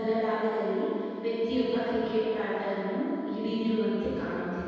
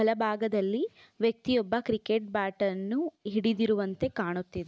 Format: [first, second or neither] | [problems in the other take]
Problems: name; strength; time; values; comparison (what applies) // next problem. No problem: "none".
second | background sound (Wind instrument, woodwind instrument); 18 dB below the speech // room echo; dies away in 2.1 s